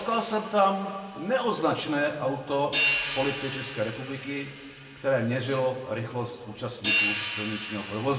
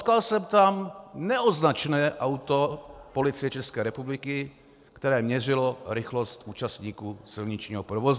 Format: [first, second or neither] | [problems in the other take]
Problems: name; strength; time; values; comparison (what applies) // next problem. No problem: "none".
second | background sound (Hi-hat); 5 dB below the speech // room echo; dies away in 1.9 s